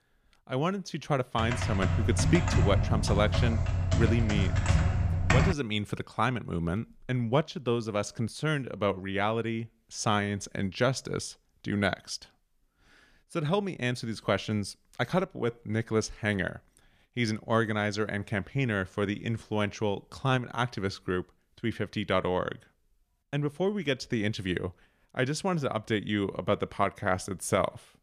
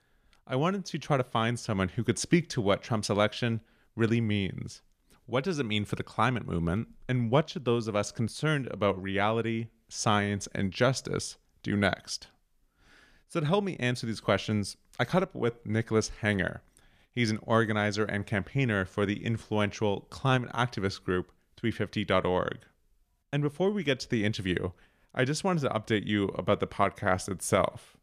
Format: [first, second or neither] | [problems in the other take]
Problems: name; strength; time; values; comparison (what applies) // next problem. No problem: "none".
second | keyboard typing; loud; from 1.5 to 5.5 s; peak 5 dB above the speech